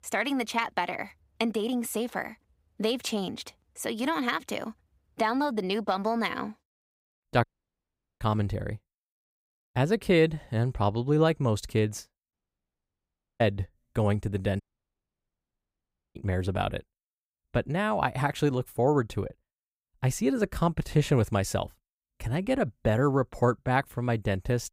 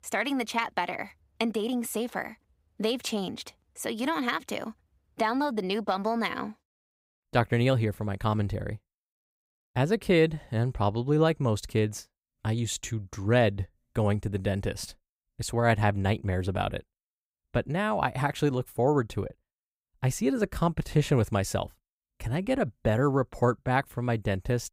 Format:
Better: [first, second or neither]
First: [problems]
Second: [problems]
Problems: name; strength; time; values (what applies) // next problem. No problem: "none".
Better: second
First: audio cutting out; at 7.5 s for 1 s, at 12 s for 1 s and at 15 s for 1.5 s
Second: none